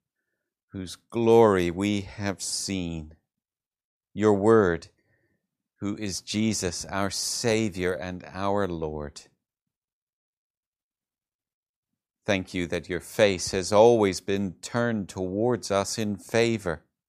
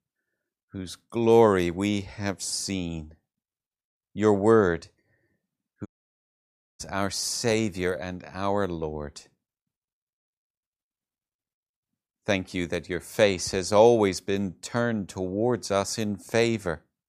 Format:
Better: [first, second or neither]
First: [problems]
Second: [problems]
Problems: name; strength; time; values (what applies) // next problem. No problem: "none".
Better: first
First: none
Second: audio cutting out; at 6 s for 1 s